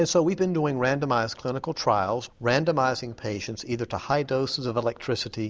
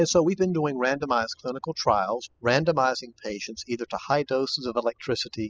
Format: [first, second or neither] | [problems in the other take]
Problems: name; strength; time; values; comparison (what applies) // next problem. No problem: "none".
first | noise reduction (classical method spectral subtraction)